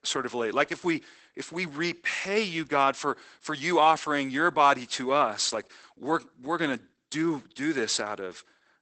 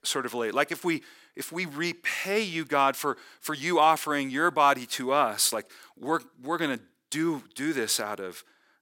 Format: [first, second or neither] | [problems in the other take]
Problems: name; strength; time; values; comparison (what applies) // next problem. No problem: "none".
second | garbled, watery; badly; nothing above 8 kHz